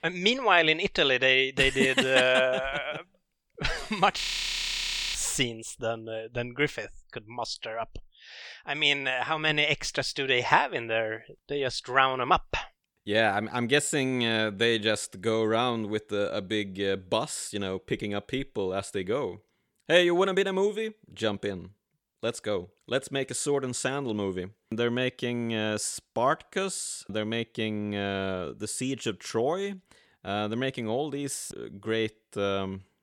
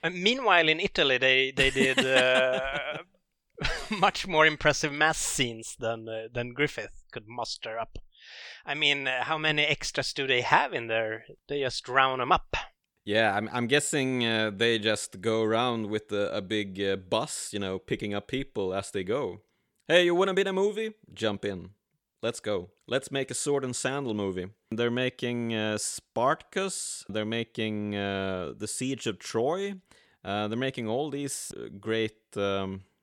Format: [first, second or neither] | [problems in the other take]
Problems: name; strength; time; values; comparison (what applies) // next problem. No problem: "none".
second | audio freezing; at 4 s for 1 s